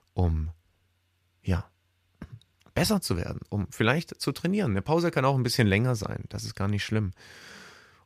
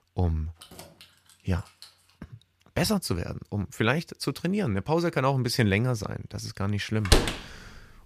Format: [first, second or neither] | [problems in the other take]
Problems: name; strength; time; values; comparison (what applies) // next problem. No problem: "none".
first | jangling keys; faint; from 0.5 to 2 s; peak 20 dB below the speech // door banging; loud; at 7 s; peak 4 dB above the speech